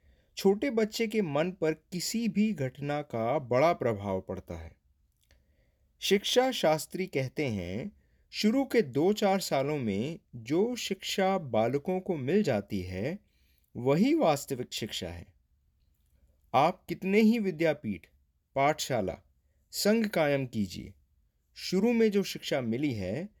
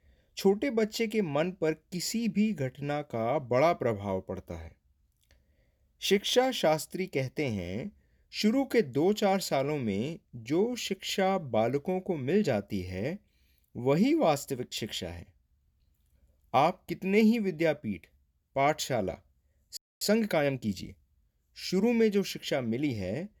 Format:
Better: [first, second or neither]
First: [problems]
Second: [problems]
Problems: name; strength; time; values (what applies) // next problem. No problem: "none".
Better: first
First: none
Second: audio freezing; at 20 s